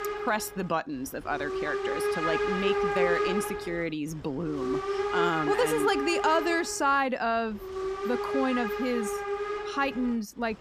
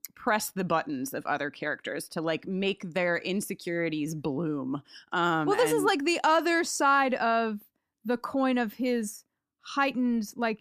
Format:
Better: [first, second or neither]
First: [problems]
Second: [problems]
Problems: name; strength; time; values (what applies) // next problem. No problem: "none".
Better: second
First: hiss; loud; throughout; 2 dB below the speech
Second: none